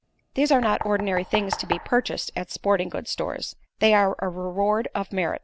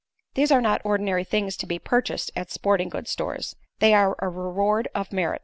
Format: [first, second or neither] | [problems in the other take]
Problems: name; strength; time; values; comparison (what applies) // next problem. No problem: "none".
second | background sound (Knock); 11 dB below the speech